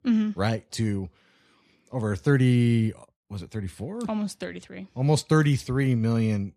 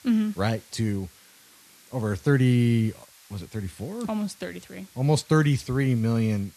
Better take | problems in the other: first | hiss; faint; throughout; 25 dB below the speech

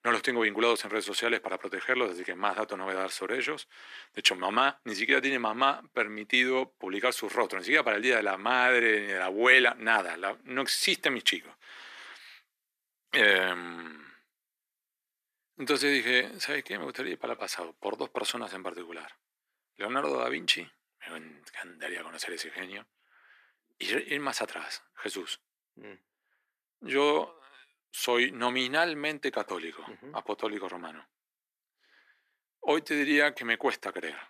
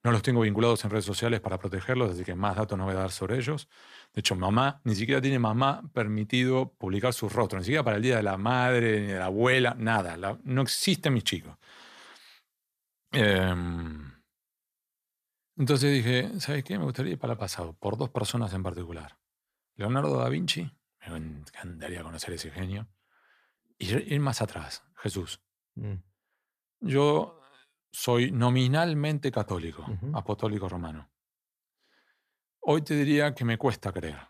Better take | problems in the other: second | thin; somewhat; fading below 300 Hz

